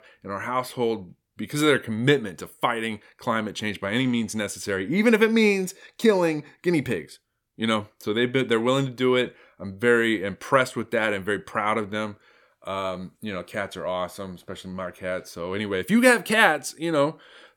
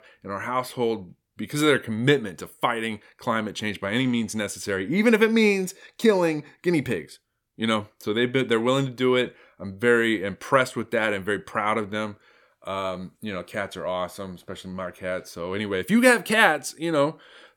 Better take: neither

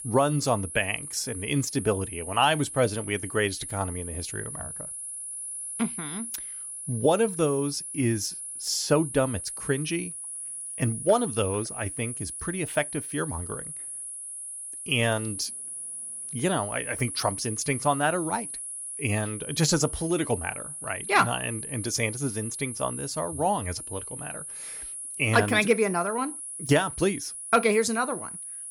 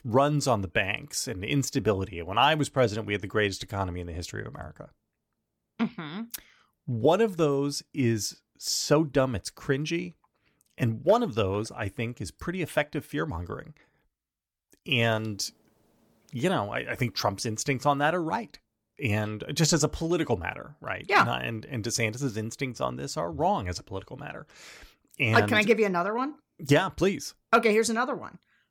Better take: second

